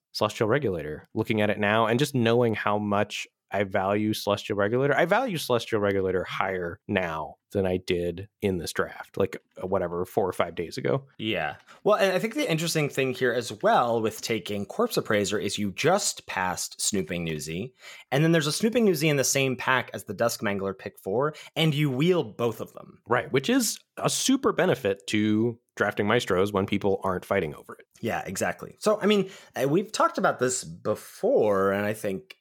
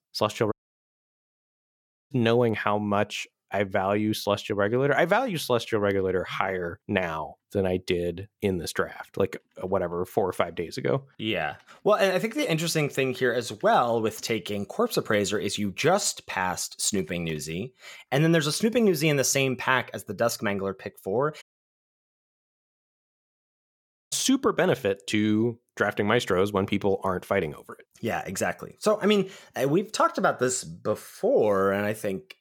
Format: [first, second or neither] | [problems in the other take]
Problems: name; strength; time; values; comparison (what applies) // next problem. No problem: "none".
first | audio cutting out; at 0.5 s for 1.5 s and at 21 s for 2.5 s